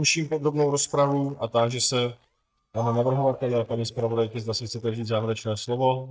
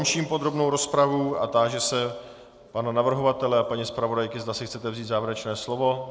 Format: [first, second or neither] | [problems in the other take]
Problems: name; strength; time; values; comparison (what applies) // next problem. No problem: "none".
second | noise reduction (neural mask model DeepFilterNet 3)